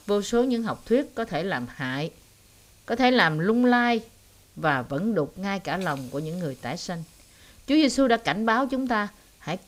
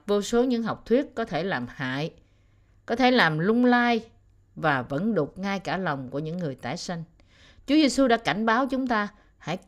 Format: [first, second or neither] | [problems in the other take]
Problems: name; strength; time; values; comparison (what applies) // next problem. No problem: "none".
second | hiss; faint; throughout; 25 dB below the speech